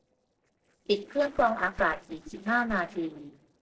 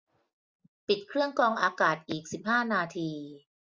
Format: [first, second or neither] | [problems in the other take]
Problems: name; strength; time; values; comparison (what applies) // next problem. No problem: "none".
second | noise reduction (neural separator model SepFormer DNS4)